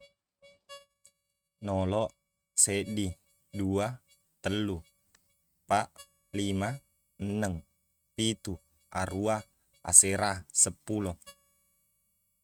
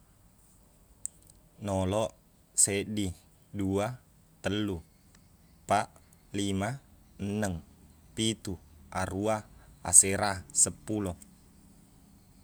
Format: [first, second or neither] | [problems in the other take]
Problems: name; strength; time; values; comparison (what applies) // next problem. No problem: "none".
second | noise reduction (neural mask model RNNoise)